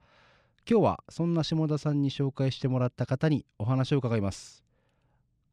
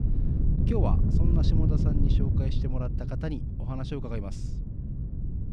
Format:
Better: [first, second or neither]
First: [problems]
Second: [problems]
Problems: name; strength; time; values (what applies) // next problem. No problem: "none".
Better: first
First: none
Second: wind noise on the microphone; heavy; 2 dB below the speech